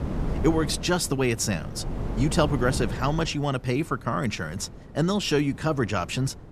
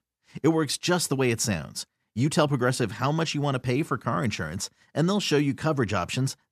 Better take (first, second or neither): second